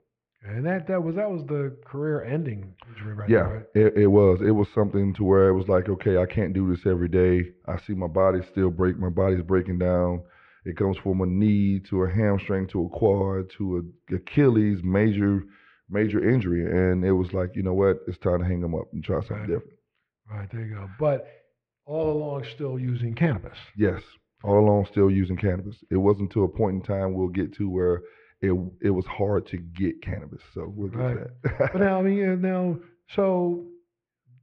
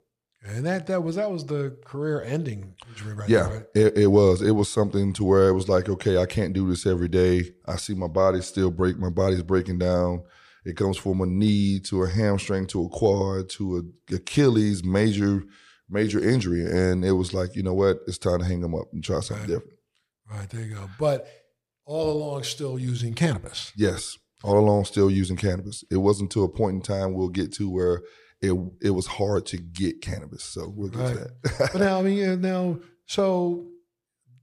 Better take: second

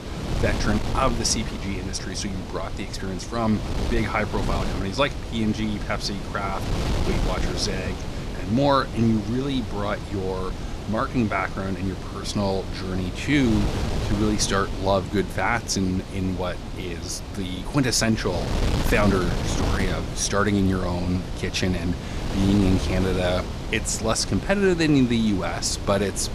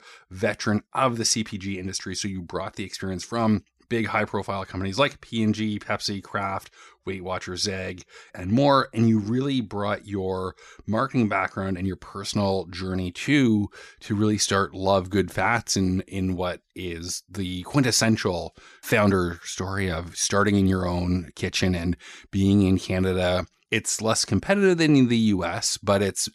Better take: second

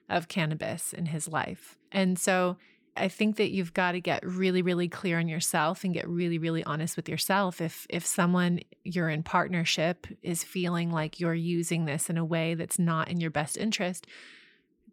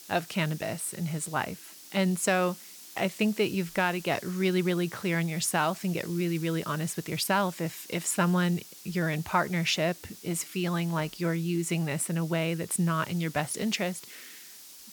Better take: first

